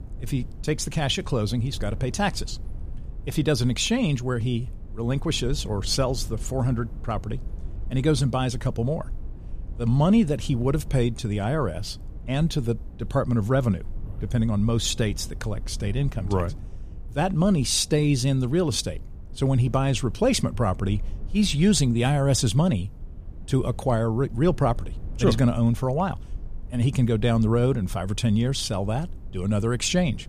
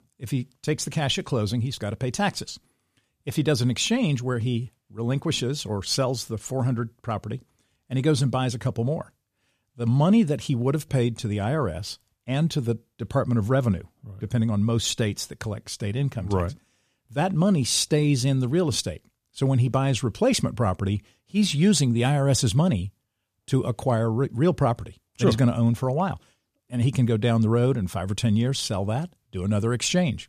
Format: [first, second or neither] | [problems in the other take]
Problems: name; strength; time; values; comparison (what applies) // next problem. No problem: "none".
second | low rumble; faint; throughout; 25 dB below the speech